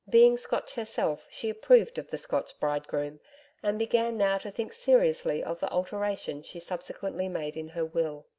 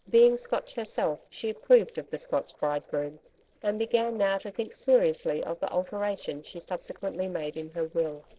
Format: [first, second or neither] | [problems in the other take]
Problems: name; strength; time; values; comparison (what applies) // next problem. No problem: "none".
first | noise reduction (neural separator model SepFormer DNS4)